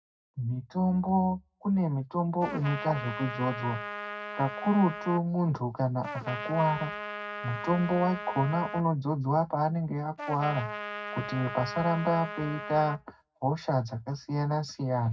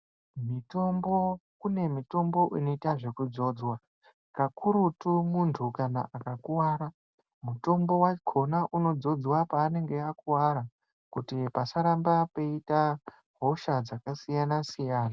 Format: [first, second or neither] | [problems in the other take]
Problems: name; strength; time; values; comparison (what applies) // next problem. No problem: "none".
second | background sound (Trumpet); 9 dB below the speech // room echo; dies away in 0.4 s